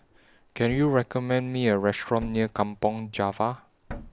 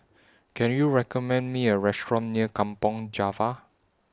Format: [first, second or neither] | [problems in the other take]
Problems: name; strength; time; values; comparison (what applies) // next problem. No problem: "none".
second | background sound (Thump, thud); 19 dB below the speech